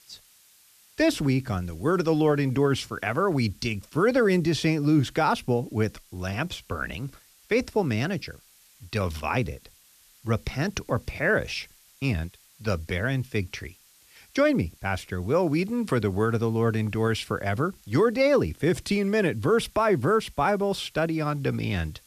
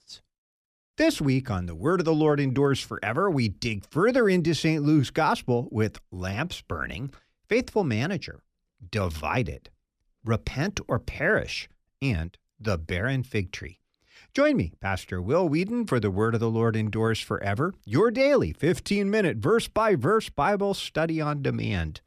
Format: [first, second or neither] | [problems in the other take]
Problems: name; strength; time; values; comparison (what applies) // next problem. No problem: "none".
second | hiss; faint; throughout; 30 dB below the speech